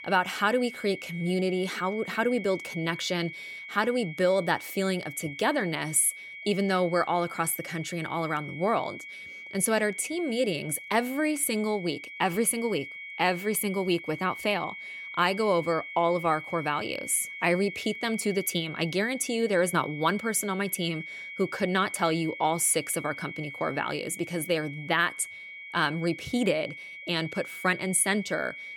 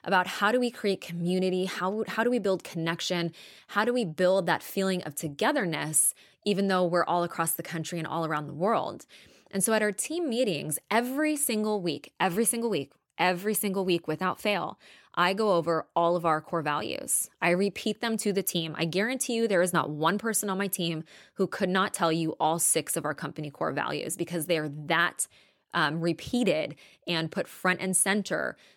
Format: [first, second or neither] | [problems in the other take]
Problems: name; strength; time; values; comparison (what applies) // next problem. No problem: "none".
second | high-pitched whine; noticeable; throughout; 2 kHz, 10 dB below the speech